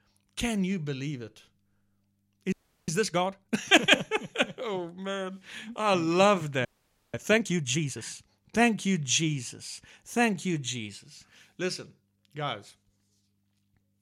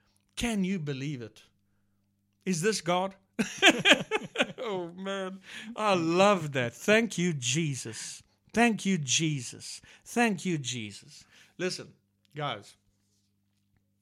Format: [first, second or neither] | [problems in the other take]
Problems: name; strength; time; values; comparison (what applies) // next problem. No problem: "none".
second | audio freezing; at 2.5 s and at 6.5 s